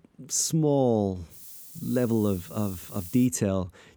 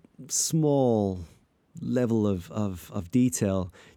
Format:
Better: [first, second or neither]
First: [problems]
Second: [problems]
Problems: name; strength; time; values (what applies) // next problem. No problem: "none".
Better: second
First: hiss; noticeable; from 1.5 to 3.5 s; 15 dB below the speech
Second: none